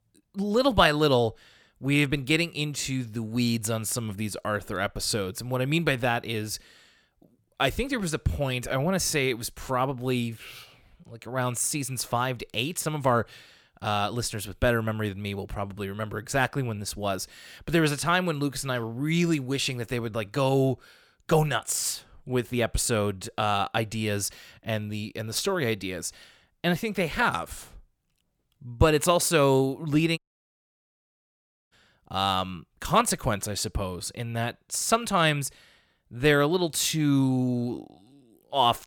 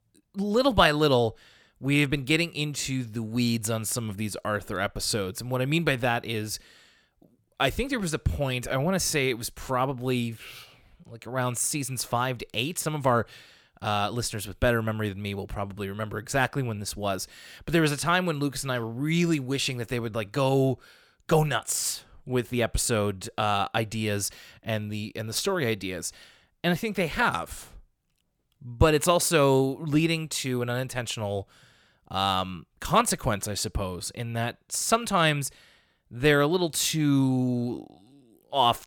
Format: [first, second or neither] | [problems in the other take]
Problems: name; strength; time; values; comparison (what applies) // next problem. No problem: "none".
second | audio cutting out; at 30 s for 1.5 s